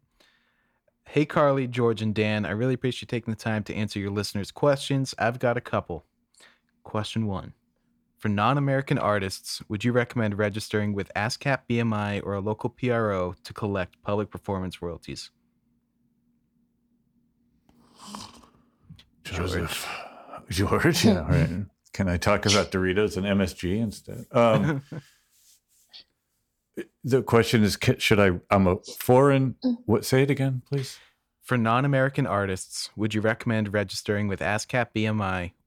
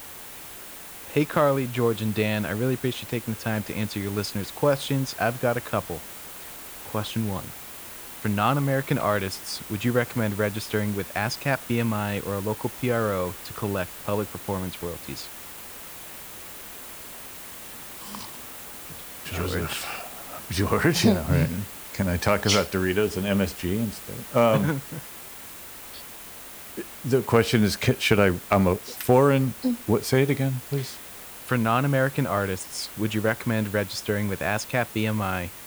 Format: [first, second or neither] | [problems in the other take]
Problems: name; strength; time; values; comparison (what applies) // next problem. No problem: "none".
first | hiss; noticeable; throughout; 10 dB below the speech